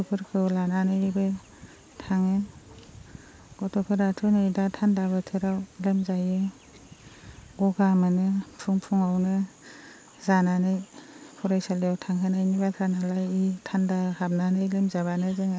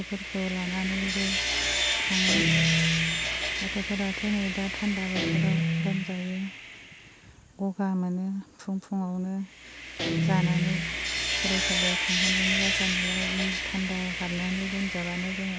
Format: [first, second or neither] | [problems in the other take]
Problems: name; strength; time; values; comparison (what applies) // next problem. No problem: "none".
first | background sound (Guitar + Sawing); 3 dB above the speech